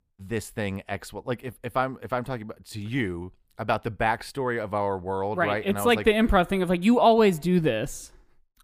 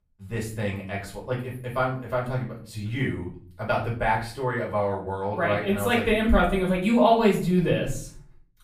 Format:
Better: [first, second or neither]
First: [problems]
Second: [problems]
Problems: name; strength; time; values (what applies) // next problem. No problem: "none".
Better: first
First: none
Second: off-mic speech; far // room echo; slight; dies away in 0.4 s